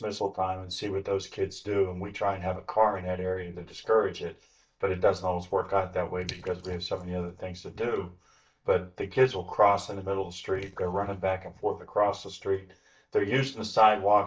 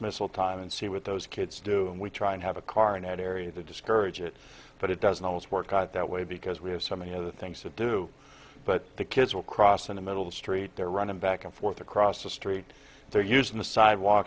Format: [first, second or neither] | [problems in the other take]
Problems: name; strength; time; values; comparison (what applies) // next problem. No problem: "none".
second | noise reduction (neural mask model DeepFilterNet 3)